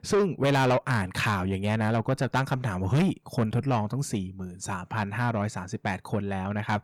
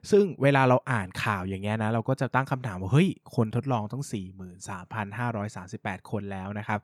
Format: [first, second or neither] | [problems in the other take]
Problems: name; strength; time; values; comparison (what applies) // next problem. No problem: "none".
second | distortion; heavy; 7 dB below the speech